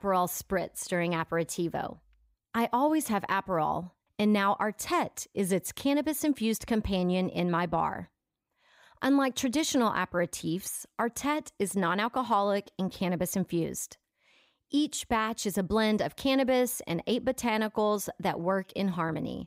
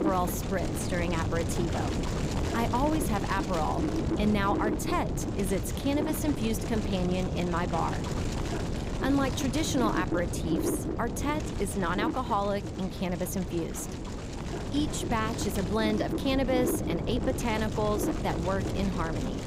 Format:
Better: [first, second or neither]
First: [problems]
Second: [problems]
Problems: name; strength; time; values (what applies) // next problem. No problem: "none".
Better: first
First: none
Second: wind noise on the microphone; heavy; 5 dB below the speech